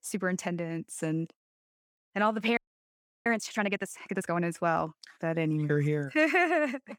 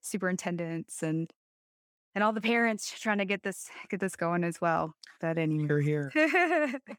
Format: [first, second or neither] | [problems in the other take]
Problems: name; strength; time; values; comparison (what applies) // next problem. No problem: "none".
second | audio freezing; at 2.5 s for 0.5 s